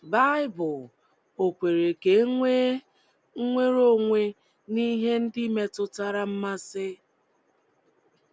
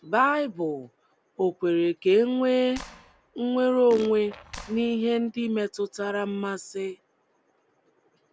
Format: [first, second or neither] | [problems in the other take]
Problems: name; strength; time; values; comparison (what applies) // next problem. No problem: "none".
first | background sound (Fart + Clapping); 17 dB below the speech